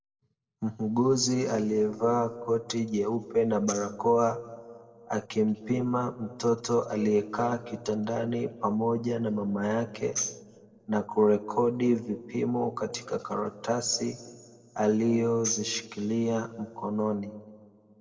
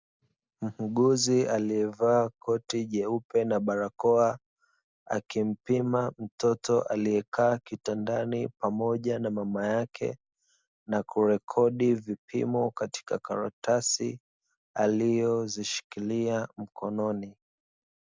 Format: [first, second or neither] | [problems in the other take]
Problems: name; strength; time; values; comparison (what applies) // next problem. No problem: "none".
second | noise reduction (neural separator model SepFormer DNS4)